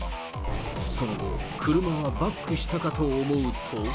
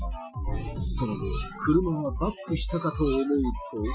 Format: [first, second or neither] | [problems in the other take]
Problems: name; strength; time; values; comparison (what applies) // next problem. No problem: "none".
first | noise reduction (classical method Wiener filter)